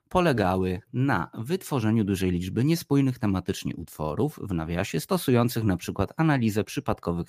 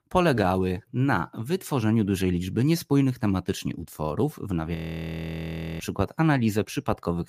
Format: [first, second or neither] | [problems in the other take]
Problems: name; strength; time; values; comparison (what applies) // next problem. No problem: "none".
first | audio freezing; at 5 s for 1 s